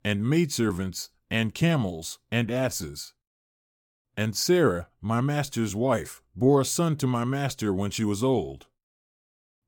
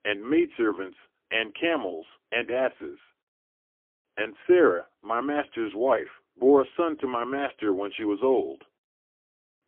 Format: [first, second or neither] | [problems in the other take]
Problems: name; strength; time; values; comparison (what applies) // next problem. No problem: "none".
first | phone-call audio; poor line; nothing above 3 kHz